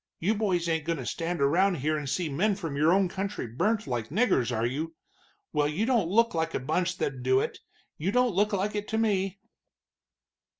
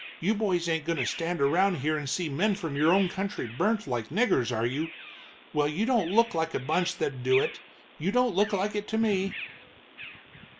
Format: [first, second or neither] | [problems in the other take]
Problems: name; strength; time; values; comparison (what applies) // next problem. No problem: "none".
first | background sound (Bird vocalization, bird call, bird song); 15 dB below the speech